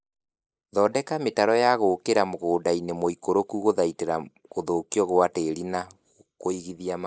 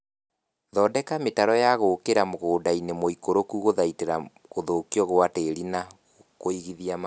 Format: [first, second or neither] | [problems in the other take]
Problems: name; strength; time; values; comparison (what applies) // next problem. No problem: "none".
second | noise reduction (neural mask model Resemble Enhance denoiser)